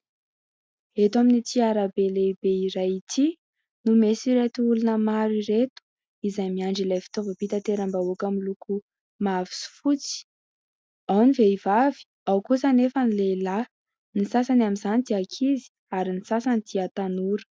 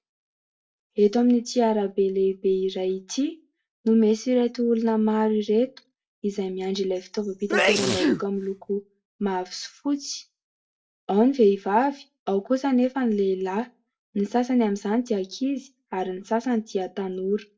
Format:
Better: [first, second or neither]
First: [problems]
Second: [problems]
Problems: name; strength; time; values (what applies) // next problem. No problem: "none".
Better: first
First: none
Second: background sound (Sneeze); 1 dB below the speech // room echo; dies away in 0.2 s